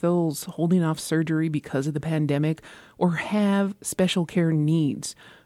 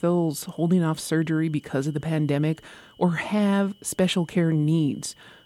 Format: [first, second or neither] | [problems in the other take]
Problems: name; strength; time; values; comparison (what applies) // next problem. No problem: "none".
first | high-pitched whine; faint; throughout; 3 kHz, 30 dB below the speech